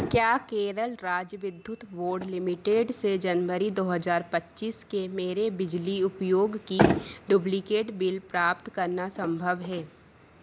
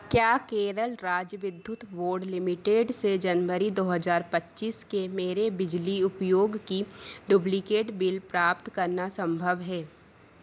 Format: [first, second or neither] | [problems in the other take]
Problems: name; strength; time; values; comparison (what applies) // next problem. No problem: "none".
second | background sound (Motor vehicle (road)); 8 dB below the speech